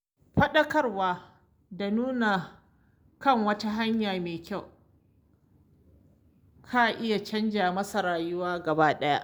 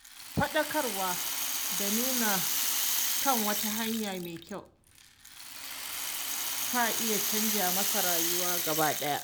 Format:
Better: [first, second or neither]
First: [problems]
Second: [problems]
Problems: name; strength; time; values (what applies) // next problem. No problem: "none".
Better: first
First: none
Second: background sound (Rattle (instrument)); 2 dB above the speech